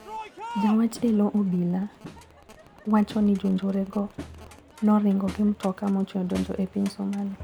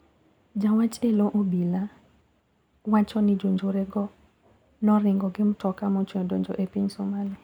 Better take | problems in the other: second | background sound (Crowd); 16 dB below the speech

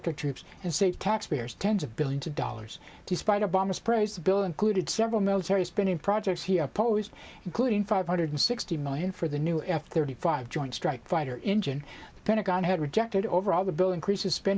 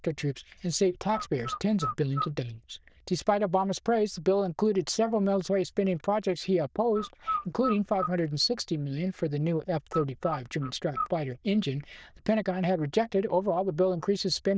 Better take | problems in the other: first | noise reduction (neural diffusion model UNIVERSE++)

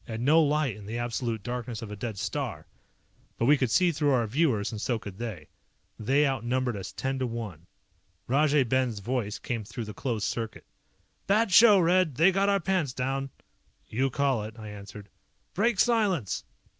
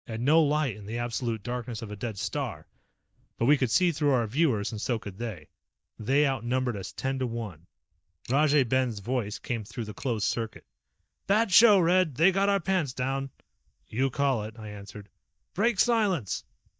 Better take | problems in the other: first | noise reduction (neural mask model DeepFilterNet 3)

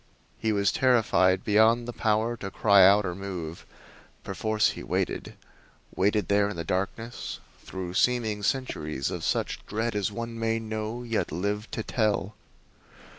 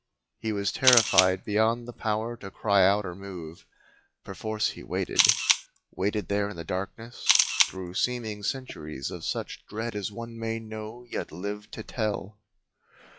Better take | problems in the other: first | noise reduction (classical method log-MMSE)

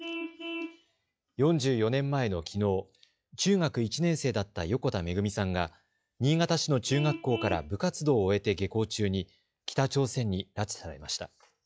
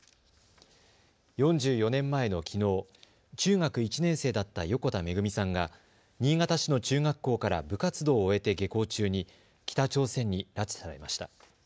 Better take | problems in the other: second | noise reduction (classical method log-MMSE)

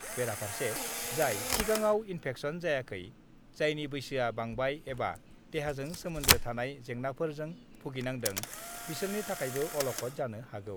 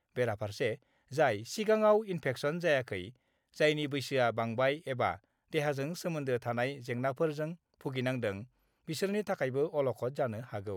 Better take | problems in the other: second | background sound (Camera); 3 dB below the speech

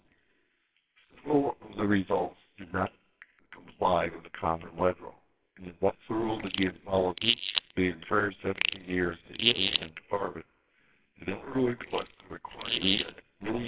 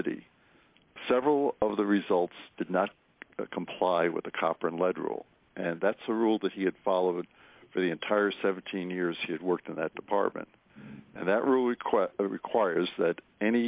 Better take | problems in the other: second | noise reduction (neural separator model SepFormer WHAMR!)

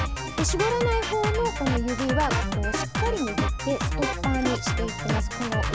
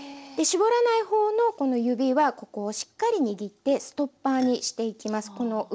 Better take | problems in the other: second | background sound (Drum kit); 2 dB above the speech

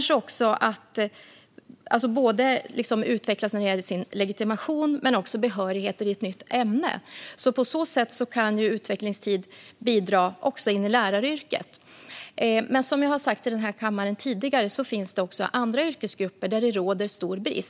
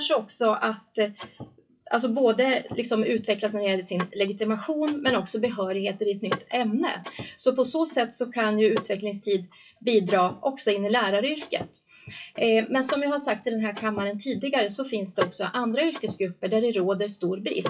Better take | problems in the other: first | noise reduction (classical method WPE with log-MMSE)

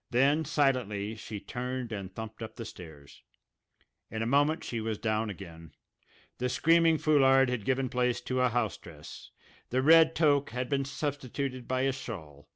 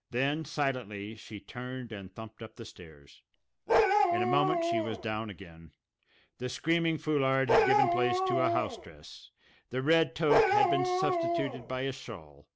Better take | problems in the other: first | background sound (Bark); 4 dB above the speech

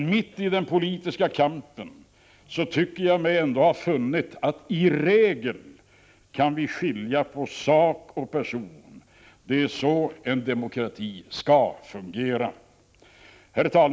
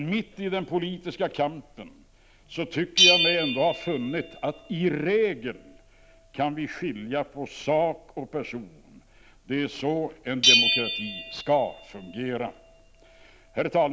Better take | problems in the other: first | background sound (Bell); 2 dB below the speech

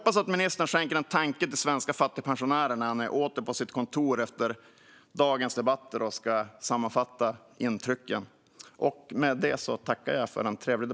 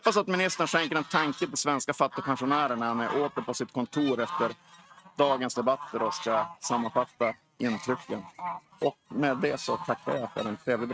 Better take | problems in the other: first | noise reduction (neural mask model RNNoise)

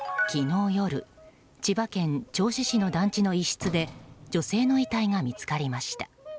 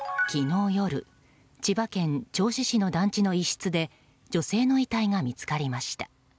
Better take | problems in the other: second | background sound (Bird vocalization, bird call, bird song + Sliding door); 18 dB below the speech

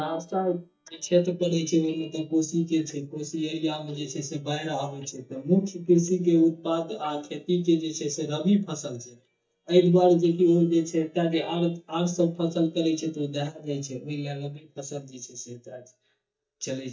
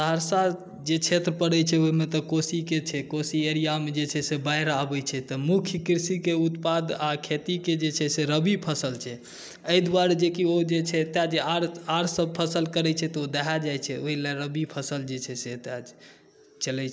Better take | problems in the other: second | noise reduction (neural mask model DeepFilterNet 3)

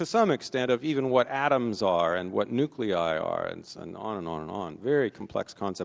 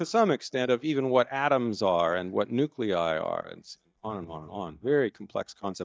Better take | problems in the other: first | noise reduction (neural mask model DeepFilterNet 3)

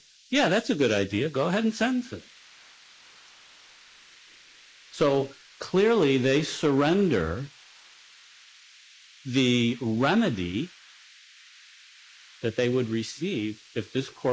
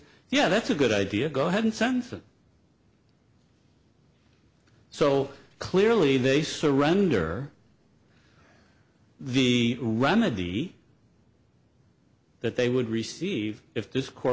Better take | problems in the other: second | noise reduction (neural mask model Resemble Enhance denoiser)

